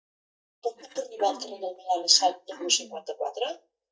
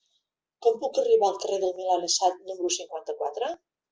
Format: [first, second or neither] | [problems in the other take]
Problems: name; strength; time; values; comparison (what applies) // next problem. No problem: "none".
second | noise reduction (neural mask model DeepFilterNet 3)